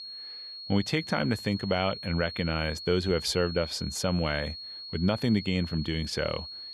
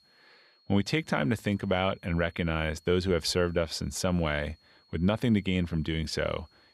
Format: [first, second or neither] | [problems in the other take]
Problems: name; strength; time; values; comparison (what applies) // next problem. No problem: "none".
second | high-pitched whine; loud; throughout; 4.5 kHz, 9 dB below the speech; faint in the second